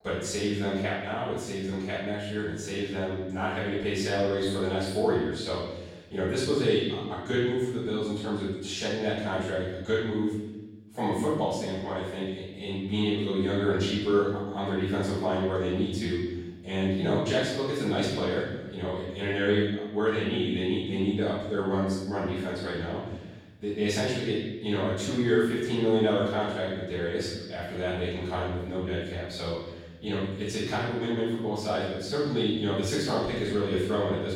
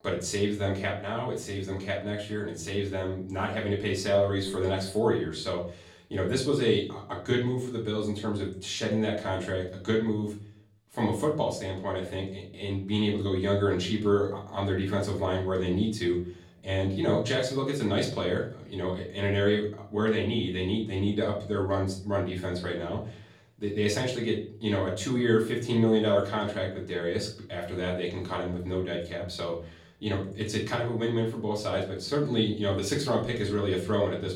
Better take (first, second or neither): second